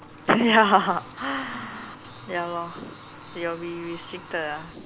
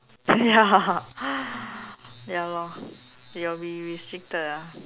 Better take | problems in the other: second | background sound (Water tap, faucet / Water); 18 dB below the speech

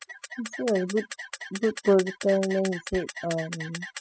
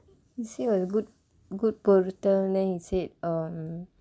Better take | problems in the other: second | noise reduction (classical method spectral subtraction)

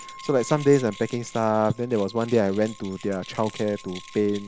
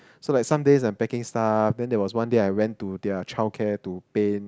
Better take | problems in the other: second | background sound (Wind instrument, woodwind instrument + Keys jangling); 19 dB below the speech

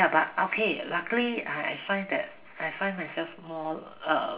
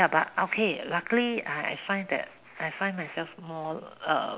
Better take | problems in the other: second | room echo; dies away in 0.5 s

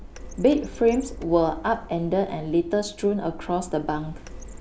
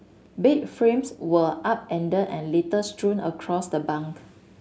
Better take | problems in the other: second | background sound (Printer); 14 dB below the speech

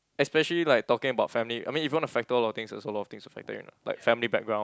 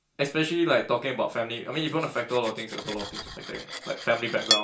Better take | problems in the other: first | background sound (Cutlery, silverware); 7 dB below the speech // room echo; dies away in 0.3 s

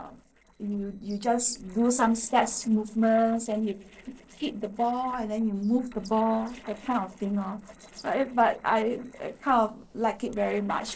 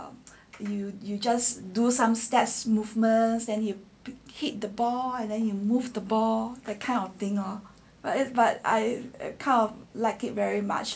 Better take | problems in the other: second | noise reduction (neural separator model SepFormer DNS4)

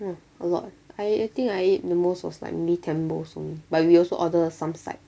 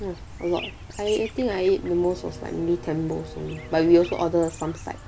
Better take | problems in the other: first | background sound (Bowed string instrument + Chirp, tweet); 14 dB below the speech

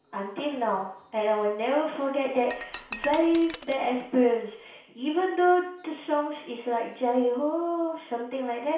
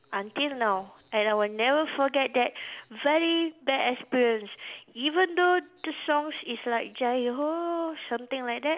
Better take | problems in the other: second | background sound (Shatter); 16 dB below the speech // room echo; dies away in 0.6 s

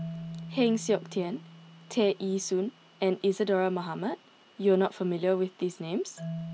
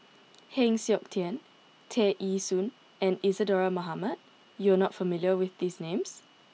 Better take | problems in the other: second | background sound (Marimba, xylophone); 15 dB below the speech

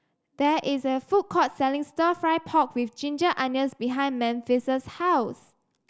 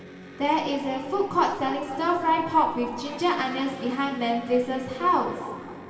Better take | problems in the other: first | background sound (Electric guitar); 17 dB below the speech // room echo; dies away in 2.6 s

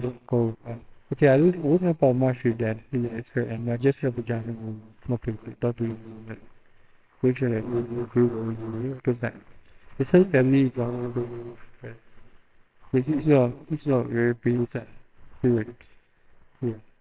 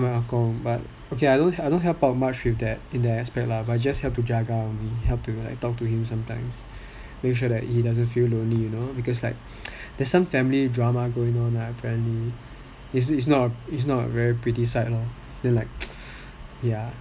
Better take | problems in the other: second | noise reduction (neural separator model SepFormer WHAMR!)

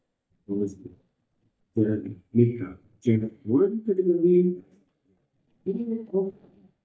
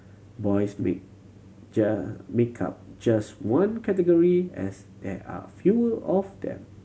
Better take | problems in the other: second | noise reduction (neural mask model DeepFilterNet 3)

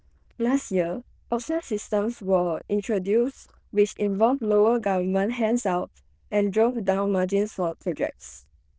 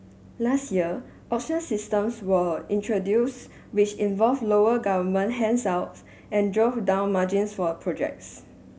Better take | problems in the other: second | noise reduction (neural diffusion model UNIVERSE++)

